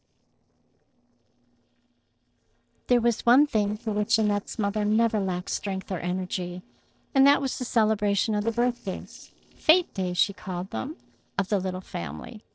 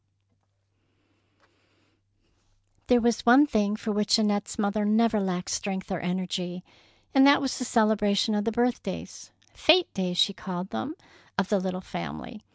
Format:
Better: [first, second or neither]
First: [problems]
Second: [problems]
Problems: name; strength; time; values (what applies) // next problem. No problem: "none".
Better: second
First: noise reduction (neural separator model SepFormer DNS4)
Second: none